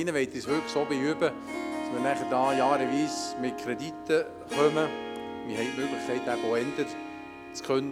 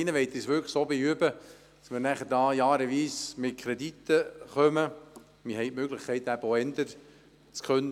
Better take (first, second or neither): second